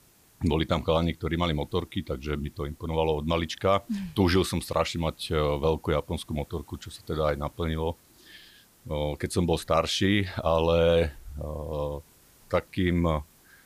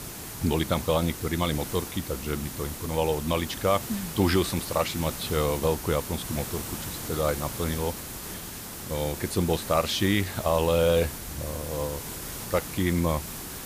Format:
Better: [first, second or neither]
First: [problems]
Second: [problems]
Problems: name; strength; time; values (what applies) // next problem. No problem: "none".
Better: first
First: hiss; faint; throughout; 30 dB below the speech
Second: hiss; loud; throughout; 8 dB below the speech